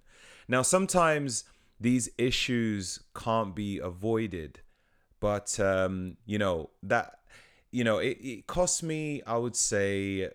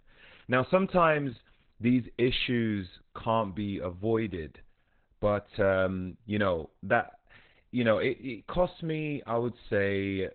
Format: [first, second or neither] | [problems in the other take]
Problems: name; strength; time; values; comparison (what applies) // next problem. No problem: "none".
first | garbled, watery; badly; nothing above 4 kHz